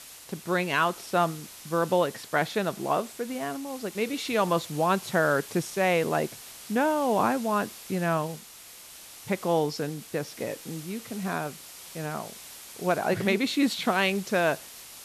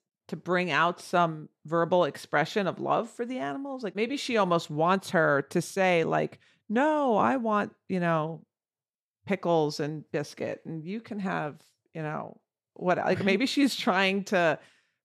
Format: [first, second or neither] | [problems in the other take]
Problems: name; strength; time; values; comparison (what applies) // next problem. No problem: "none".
second | hiss; noticeable; throughout; 15 dB below the speech